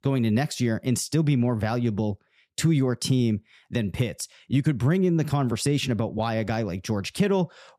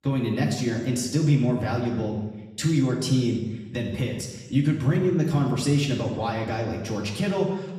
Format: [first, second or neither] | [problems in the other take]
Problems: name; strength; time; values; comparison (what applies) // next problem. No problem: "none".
first | room echo; noticeable; dies away in 1 s // off-mic speech; far